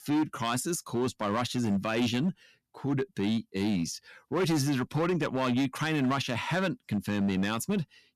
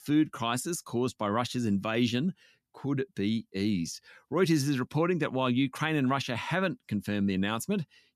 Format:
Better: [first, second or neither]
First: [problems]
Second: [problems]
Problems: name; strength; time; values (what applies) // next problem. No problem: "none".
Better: second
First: distortion; slight; 11% of the sound clipped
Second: none